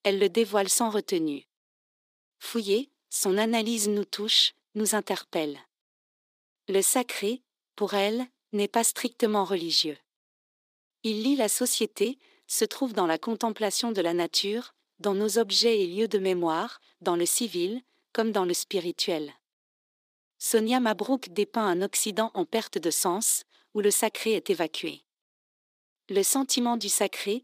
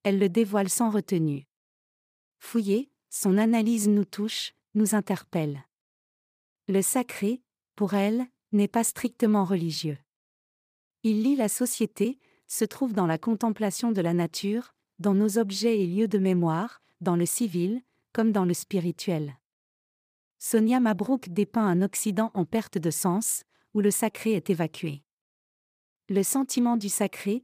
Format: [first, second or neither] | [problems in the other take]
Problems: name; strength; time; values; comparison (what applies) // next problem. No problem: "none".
second | thin; somewhat; fading below 300 Hz